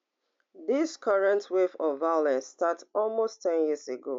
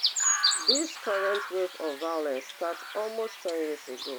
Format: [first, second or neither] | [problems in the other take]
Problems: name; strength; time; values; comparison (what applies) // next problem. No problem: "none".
first | background sound (Chirp, tweet); 1 dB above the speech